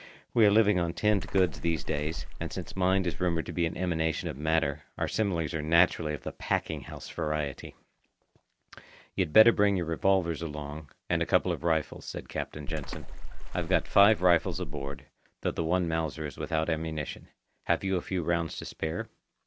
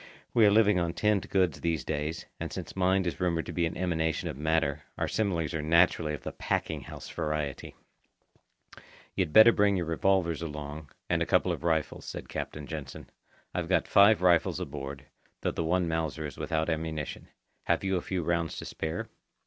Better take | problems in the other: second | background sound (Water / Splash, splatter); 1 dB below the speech

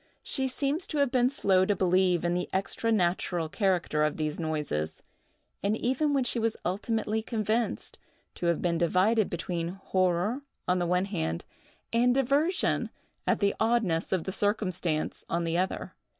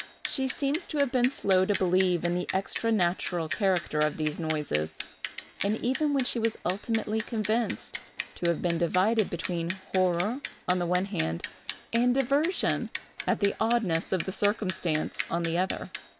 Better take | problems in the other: first | background sound (Bicycle); 12 dB below the speech

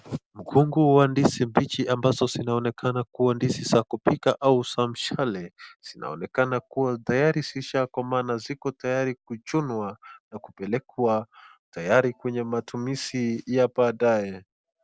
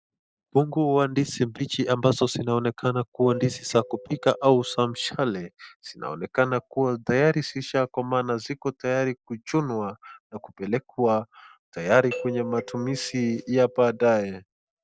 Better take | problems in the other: first | noise reduction (neural mask model DeepFilterNet 3)

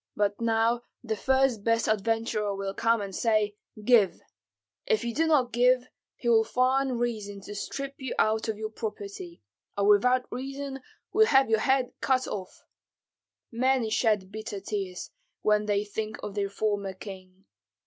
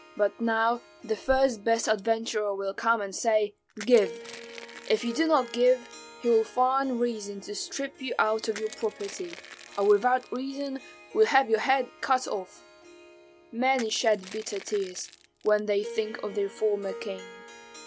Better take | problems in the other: first | background sound (Harp + Crushing); 18 dB below the speech

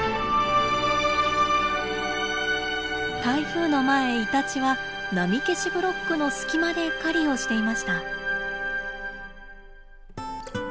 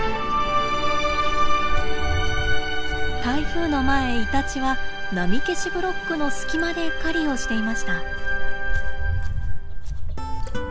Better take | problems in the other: first | background sound (Walk, footsteps); 4 dB above the speech

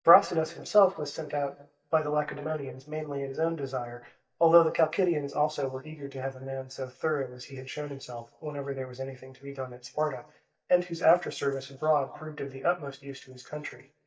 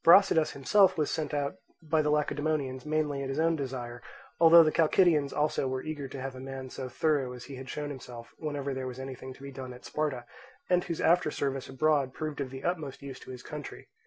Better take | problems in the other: second | noise reduction (neural mask model DeepFilterNet 3)

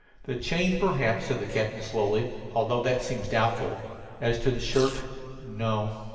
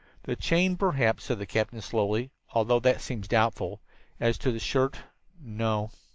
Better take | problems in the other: second | background sound (Domestic sounds, home sounds); 16 dB below the speech // room echo; dies away in 2.3 s

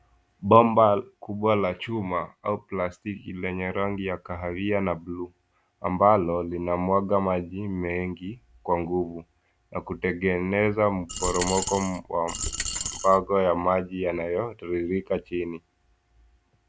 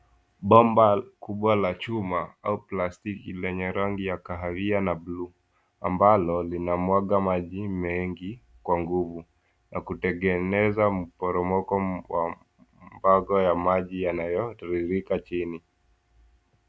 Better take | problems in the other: second | background sound (Coin (dropping)); 6 dB below the speech

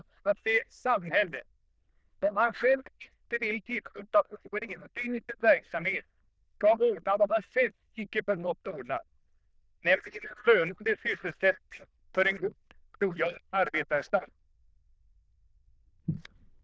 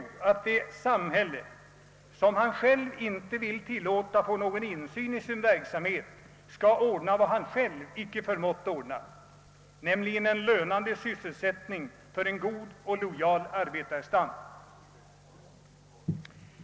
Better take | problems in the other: second | noise reduction (neural diffusion model UNIVERSE++)

